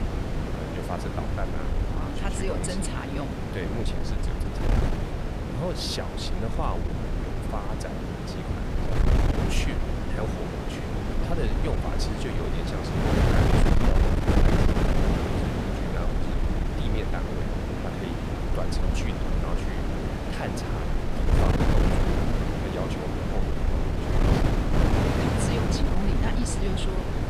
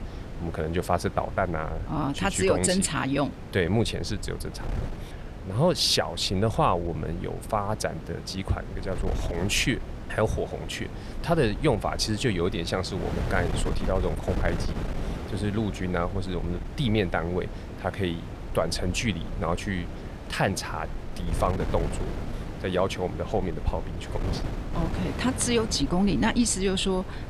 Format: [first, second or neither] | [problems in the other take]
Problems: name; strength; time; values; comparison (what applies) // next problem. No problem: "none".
second | wind noise on the microphone; heavy; 5 dB above the speech; occasional gusts in the second